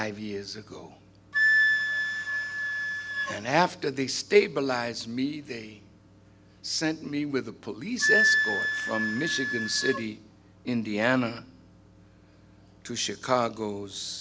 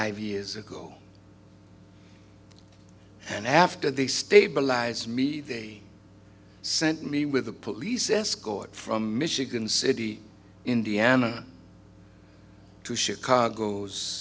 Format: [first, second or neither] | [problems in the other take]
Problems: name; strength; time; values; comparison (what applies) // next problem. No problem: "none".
second | background sound (Wind instrument, woodwind instrument); 1 dB below the speech